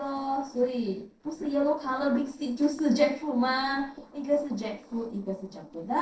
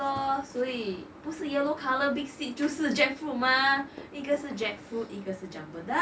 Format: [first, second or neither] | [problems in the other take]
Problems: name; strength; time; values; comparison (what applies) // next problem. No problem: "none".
second | noise reduction (neural separator model SepFormer DNS4)